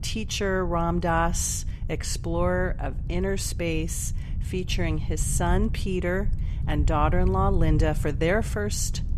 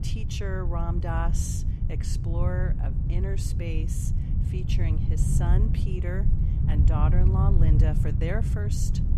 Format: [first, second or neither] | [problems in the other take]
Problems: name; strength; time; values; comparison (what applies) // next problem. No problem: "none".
first | wind noise on the microphone; heavy; 3 dB below the speech; occasional gusts in the first